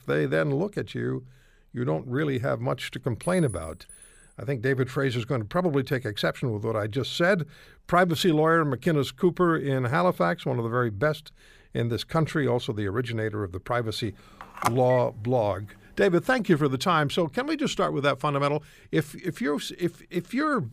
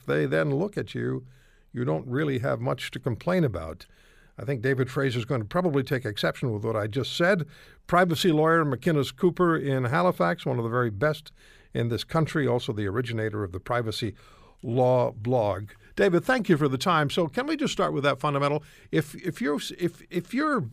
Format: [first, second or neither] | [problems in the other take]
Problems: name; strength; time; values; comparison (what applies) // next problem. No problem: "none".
second | clattering dishes; faint; from 3 to 4.5 s; peak 15 dB below the speech // phone ringing; noticeable; at 15 s; peak 3 dB below the speech